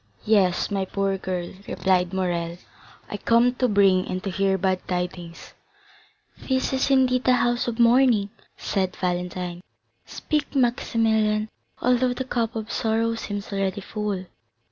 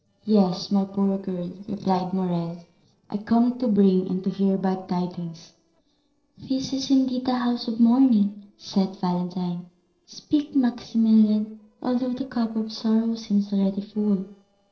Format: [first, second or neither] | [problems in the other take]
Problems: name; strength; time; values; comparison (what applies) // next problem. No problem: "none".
first | noise reduction (neural separator model SepFormer DNS4)